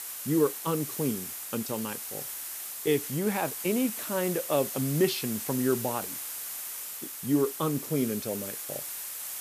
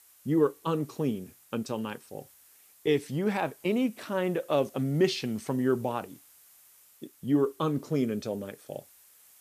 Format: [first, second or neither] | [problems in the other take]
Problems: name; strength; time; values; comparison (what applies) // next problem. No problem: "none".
second | hiss; loud; throughout; 5 dB below the speech; faint in the second